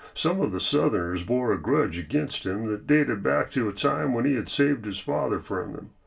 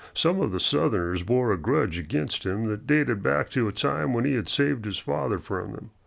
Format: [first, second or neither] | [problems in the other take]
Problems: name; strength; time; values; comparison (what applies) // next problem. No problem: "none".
second | room echo; dies away in 0.2 s